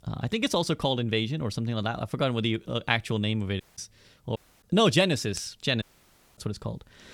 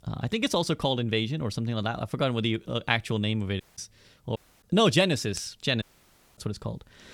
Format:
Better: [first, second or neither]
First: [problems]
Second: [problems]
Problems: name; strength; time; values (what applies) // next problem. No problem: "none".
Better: neither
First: audio cutting out; at 3.5 s, at 4.5 s and at 6 s for 0.5 s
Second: audio cutting out; at 3.5 s, at 4.5 s and at 6 s for 0.5 s